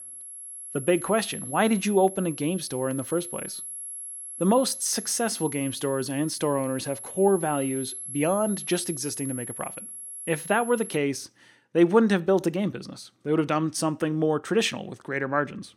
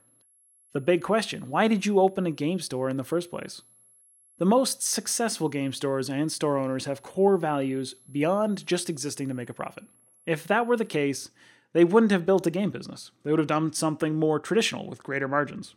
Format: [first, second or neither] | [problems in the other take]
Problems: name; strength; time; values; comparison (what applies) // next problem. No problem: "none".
second | high-pitched whine; loud; until 11 s; 11 kHz, 10 dB below the speech; faint in the second